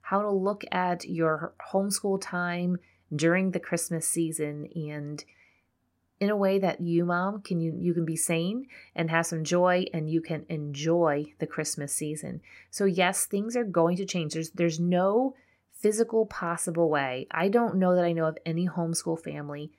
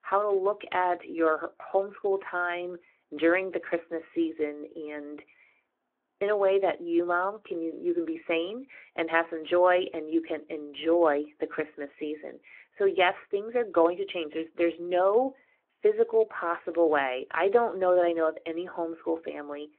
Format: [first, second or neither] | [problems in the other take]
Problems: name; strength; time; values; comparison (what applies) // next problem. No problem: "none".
first | phone-call audio